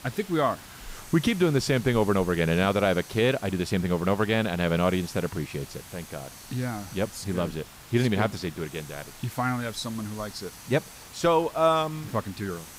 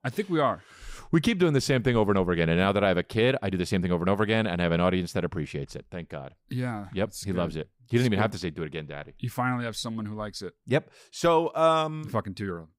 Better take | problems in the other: second | hiss; noticeable; throughout; 15 dB below the speech

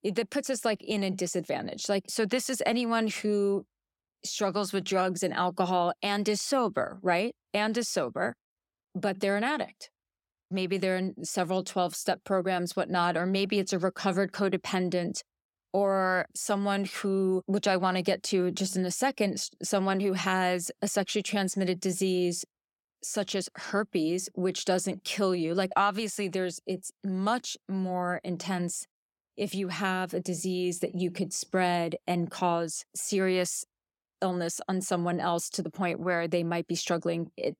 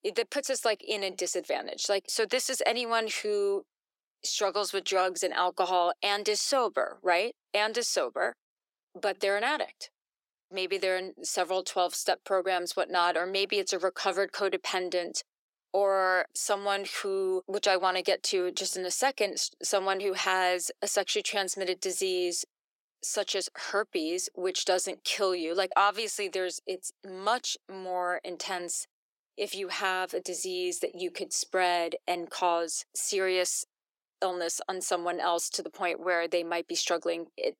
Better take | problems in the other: first | thin; very; fading below 350 Hz

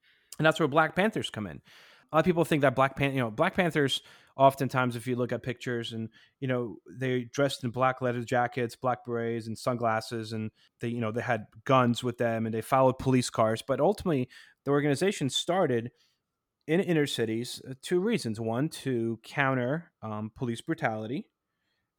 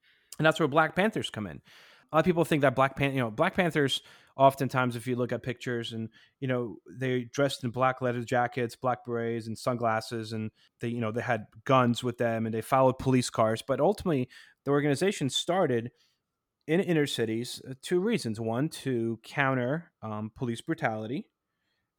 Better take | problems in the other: neither | none

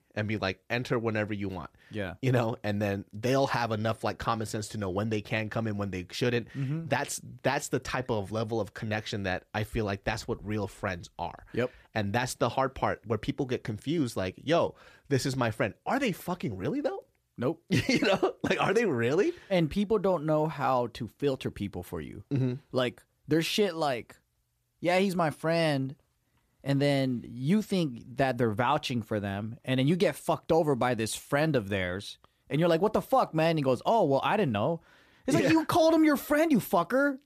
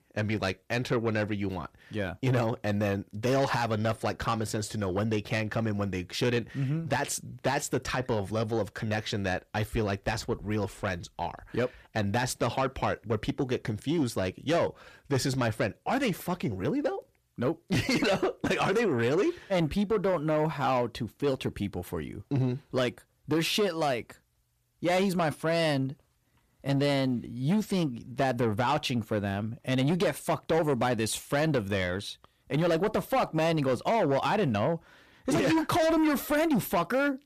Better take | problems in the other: first | distortion; slight; 10 dB below the speech

